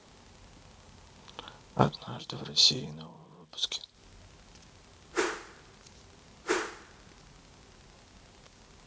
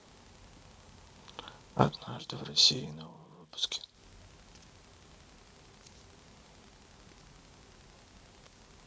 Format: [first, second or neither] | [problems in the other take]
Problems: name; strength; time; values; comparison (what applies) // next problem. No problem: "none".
second | background sound (Whoosh, swoosh, swish); as loud as the speech